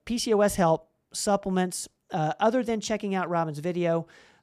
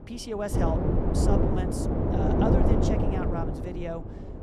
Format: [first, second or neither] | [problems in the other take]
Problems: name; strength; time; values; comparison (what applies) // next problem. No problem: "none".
first | wind noise on the microphone; heavy; 4 dB above the speech